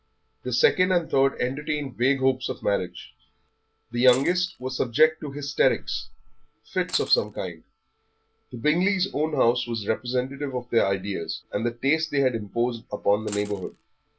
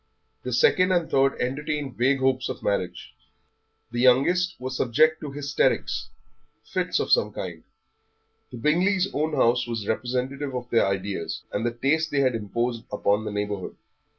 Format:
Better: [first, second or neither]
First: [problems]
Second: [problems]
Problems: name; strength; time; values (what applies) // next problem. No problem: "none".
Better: second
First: background sound (Coin (dropping)); 18 dB below the speech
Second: none